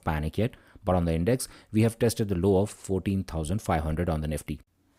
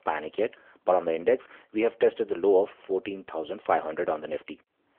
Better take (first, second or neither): first